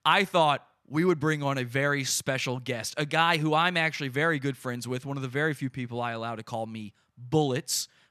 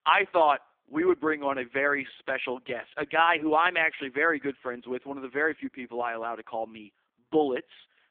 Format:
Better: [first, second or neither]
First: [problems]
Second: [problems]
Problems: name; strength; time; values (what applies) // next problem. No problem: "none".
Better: first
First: none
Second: phone-call audio; poor line